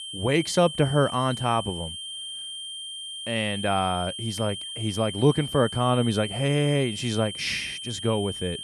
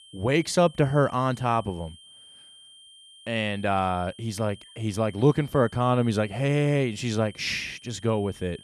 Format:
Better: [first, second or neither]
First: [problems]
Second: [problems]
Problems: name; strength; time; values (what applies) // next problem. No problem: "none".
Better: second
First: high-pitched whine; loud; throughout; 3 kHz, 8 dB below the speech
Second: high-pitched whine; faint; throughout; 3 kHz, 20 dB below the speech